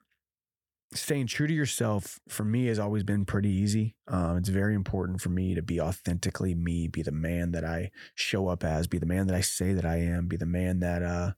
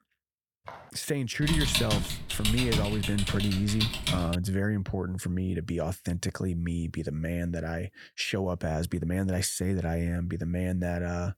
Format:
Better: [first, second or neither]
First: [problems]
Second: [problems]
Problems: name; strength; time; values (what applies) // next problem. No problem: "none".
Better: first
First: none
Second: footsteps; faint; at 0.5 s; peak 15 dB below the speech // keyboard typing; loud; from 1.5 to 4.5 s; peak 4 dB above the speech